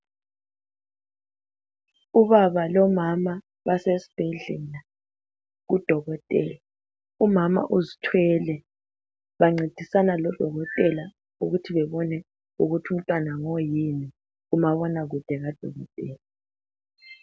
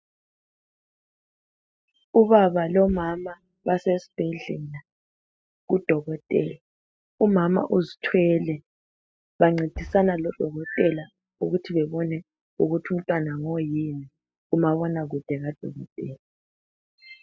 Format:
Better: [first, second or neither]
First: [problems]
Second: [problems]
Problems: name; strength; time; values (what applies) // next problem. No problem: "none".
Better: first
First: none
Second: noise reduction (classical method spectral subtraction)